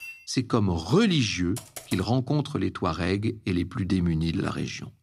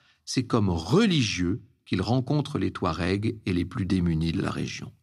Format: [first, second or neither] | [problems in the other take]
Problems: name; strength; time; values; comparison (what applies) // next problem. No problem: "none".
second | clattering dishes; faint; at the start; peak 15 dB below the speech // keyboard typing; faint; at 1.5 s; peak 15 dB below the speech